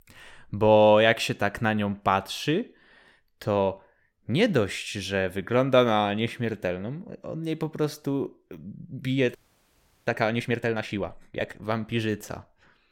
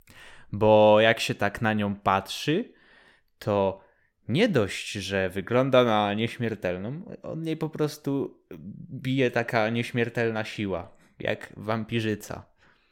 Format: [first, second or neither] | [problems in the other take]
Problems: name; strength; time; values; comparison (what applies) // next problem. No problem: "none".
second | audio freezing; at 9.5 s for 0.5 s